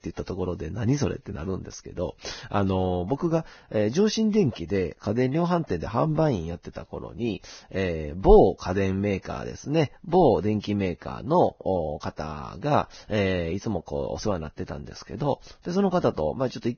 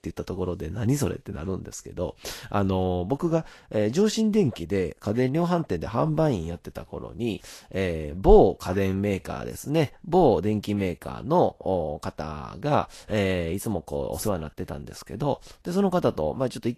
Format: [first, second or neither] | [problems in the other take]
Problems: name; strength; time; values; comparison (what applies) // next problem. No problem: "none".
second | garbled, watery; badly; nothing above 6.5 kHz; slightly in the second